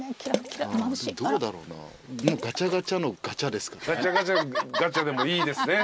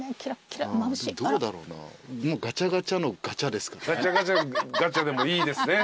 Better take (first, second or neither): second